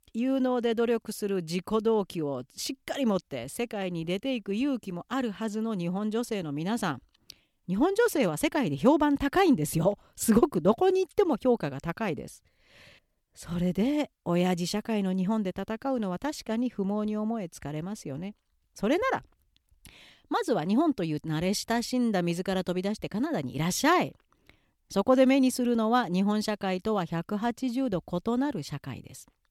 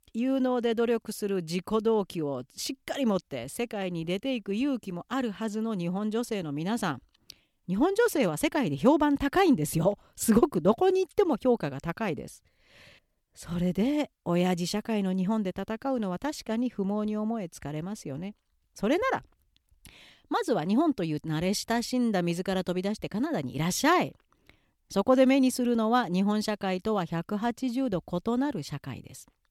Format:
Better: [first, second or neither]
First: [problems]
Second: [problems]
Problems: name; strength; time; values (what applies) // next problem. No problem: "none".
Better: neither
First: none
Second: none